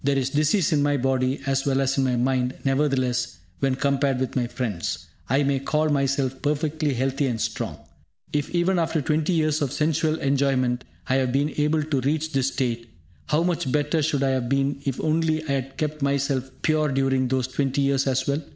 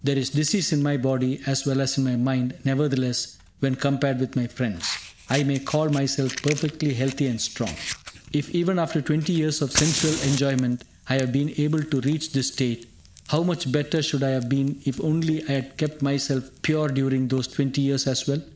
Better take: first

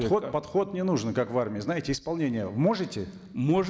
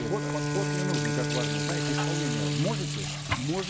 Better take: first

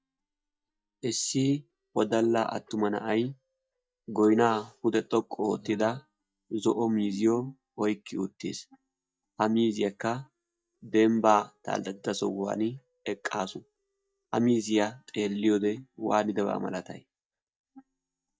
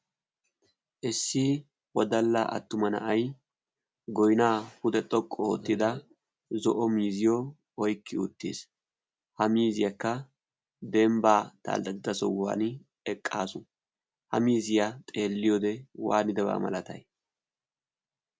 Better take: second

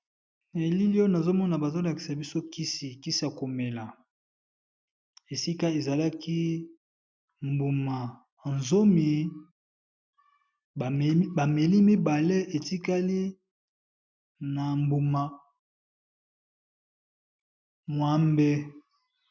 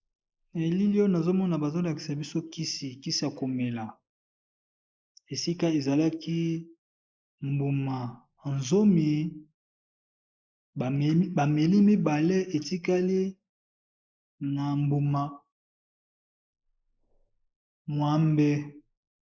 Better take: first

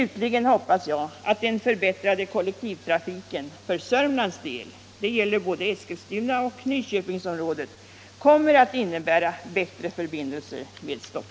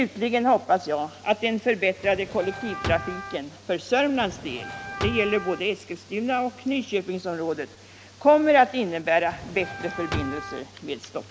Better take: first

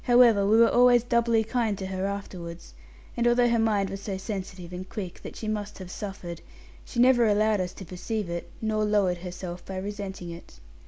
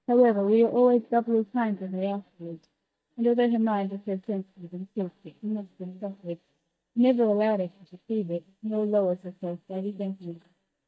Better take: first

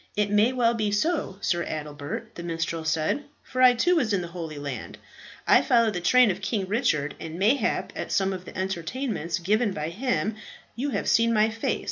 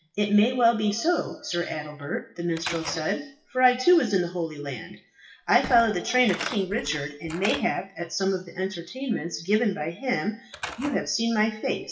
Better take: first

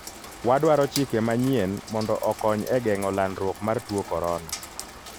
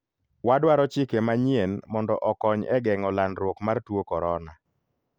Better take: second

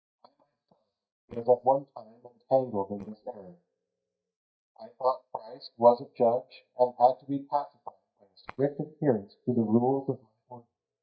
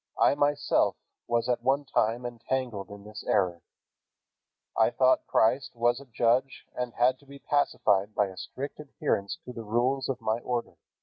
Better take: second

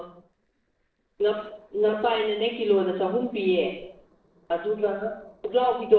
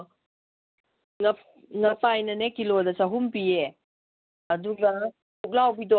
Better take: second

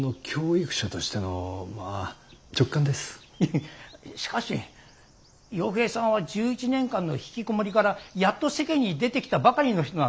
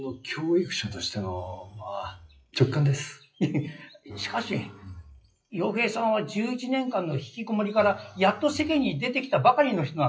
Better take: first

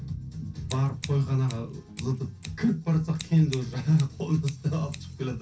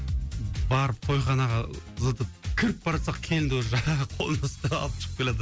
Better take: second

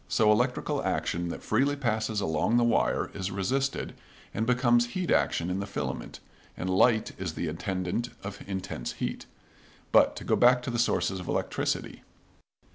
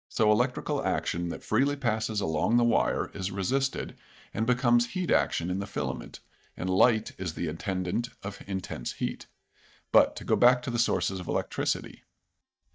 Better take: first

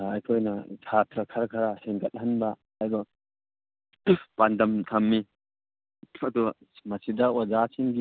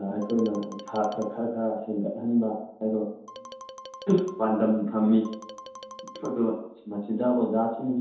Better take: first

